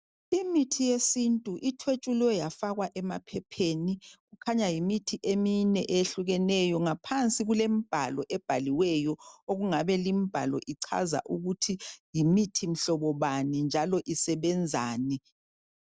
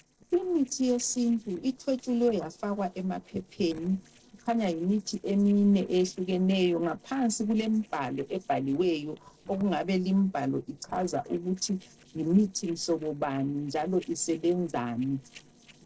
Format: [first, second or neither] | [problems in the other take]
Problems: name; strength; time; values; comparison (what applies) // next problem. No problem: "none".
first | noise reduction (neural separator model SepFormer DNS4)